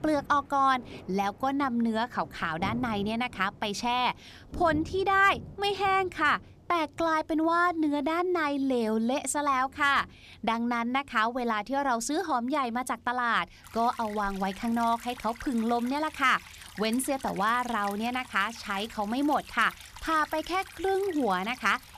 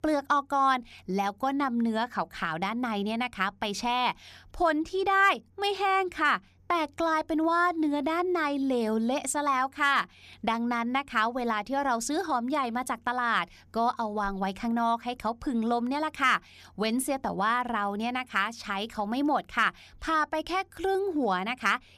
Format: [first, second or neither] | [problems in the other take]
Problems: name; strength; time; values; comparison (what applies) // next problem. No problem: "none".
second | rain or running water; noticeable; throughout; 20 dB below the speech